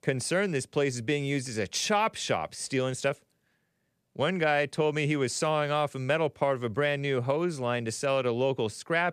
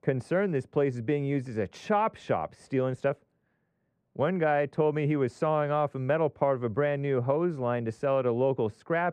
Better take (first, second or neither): first